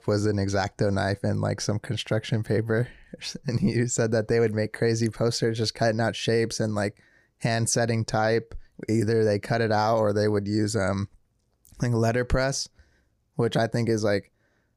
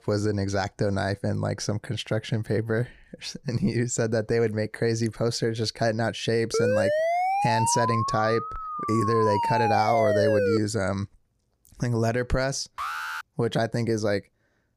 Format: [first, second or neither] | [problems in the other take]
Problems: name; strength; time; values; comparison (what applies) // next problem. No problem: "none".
first | siren; loud; from 6.5 to 11 s; peak 3 dB above the speech // alarm; noticeable; at 13 s; peak 4 dB below the speech